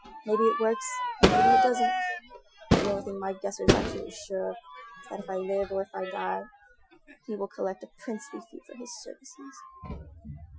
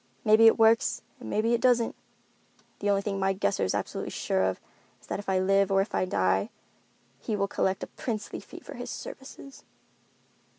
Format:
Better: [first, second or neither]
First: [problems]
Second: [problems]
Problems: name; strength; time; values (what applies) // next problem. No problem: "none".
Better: second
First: noise reduction (classical method Wiener filter)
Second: none